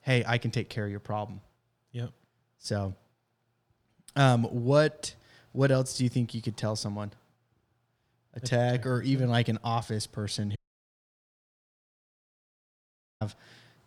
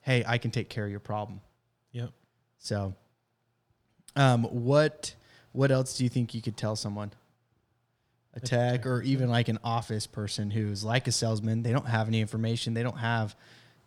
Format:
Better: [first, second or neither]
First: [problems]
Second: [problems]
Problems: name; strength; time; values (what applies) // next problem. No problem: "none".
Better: second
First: audio cutting out; at 11 s for 2.5 s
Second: none